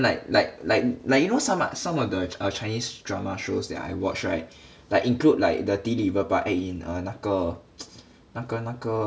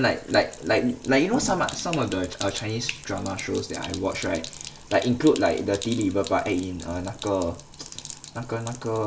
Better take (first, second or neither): first